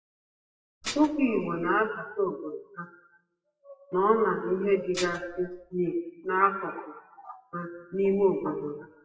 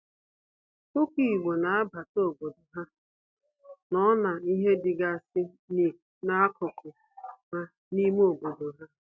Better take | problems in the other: second | noise reduction (classical method WPE with log-MMSE)

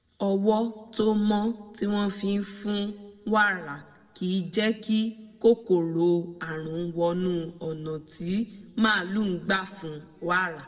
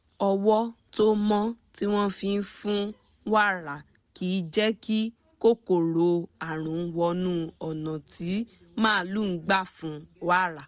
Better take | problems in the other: second | room echo; dies away in 1.2 s

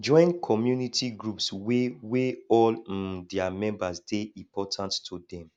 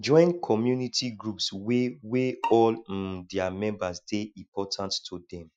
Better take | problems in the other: first | noise reduction (classical method Wiener filter)

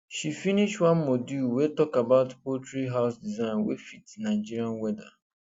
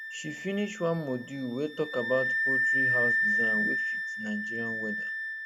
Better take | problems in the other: first | background sound (Wind instrument, woodwind instrument); 4 dB above the speech

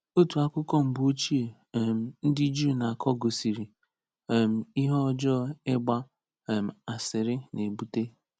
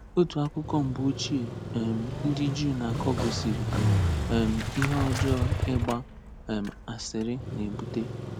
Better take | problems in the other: first | background sound (Motorcycle); 1 dB below the speech

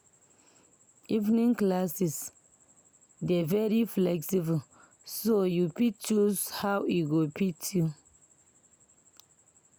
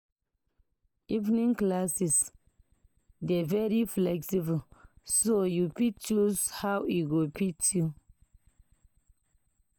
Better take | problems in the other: first | noise reduction (neural mask model DeepFilterNet 3)

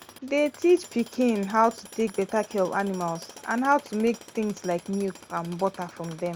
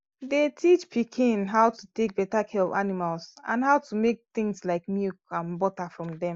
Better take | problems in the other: second | background sound (Tools); 20 dB below the speech

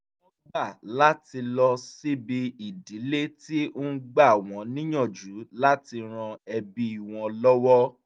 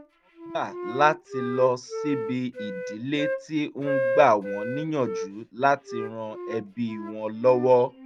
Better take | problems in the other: first | background sound (Wind instrument, woodwind instrument); 7 dB below the speech

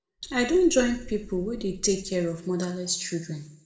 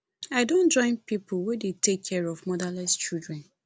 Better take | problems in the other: second | background sound (Wind); 16 dB below the speech // room echo; dies away in 0.5 s

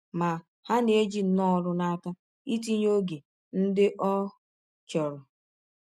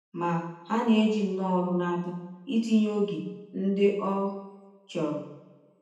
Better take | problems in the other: first | room echo; dies away in 0.9 s

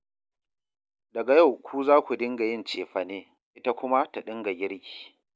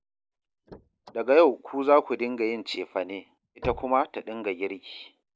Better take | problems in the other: first | background sound (Slam / Car); 20 dB below the speech

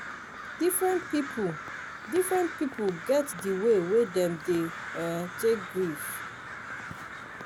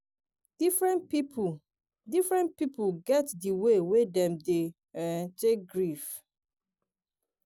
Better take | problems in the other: second | background sound (Crow); 10 dB below the speech

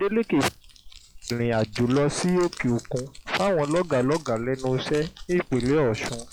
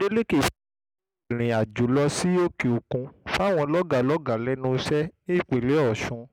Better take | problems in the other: second | noise reduction (classical method log-MMSE)

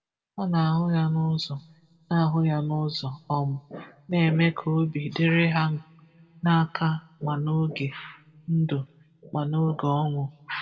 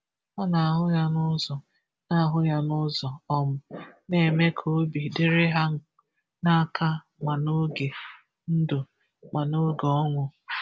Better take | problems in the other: second | room echo; dies away in 0.9 s

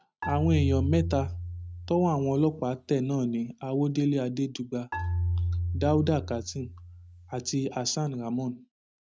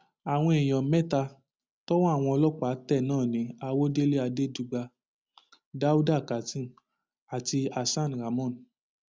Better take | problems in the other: second | noise reduction (neural mask model RNNoise)

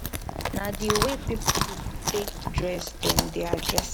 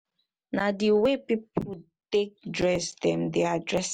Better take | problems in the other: second | background sound (Chewing, mastication); 3 dB above the speech

